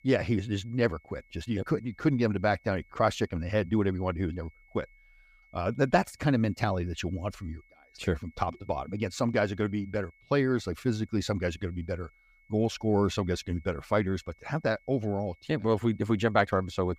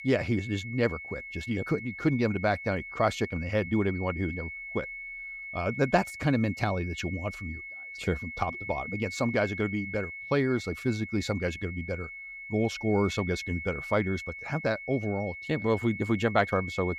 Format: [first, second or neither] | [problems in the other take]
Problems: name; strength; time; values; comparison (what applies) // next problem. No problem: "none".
first | high-pitched whine; loud; throughout; 2 kHz, 9 dB below the speech; faint in the first